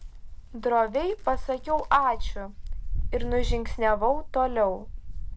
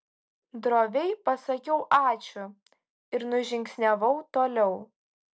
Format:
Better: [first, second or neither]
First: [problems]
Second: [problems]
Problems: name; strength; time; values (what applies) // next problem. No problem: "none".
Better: second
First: background sound (Wind); 3 dB below the speech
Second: none